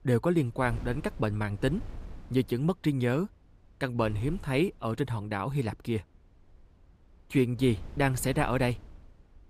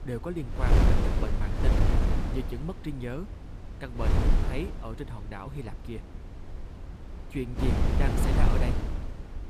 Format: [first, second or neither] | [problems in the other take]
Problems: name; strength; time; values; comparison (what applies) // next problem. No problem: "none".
first | wind noise on the microphone; heavy; 3 dB above the speech; occasional gusts in the first